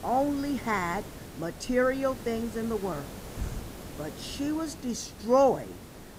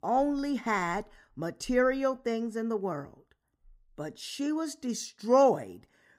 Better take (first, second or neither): second